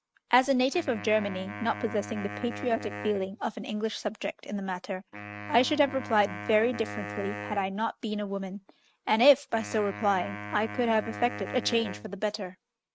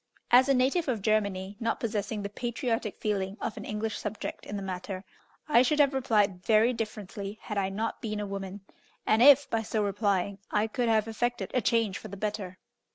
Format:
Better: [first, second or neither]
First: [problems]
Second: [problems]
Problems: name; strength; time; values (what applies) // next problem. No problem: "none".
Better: second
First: noise reduction (neural mask model RNNoise)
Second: none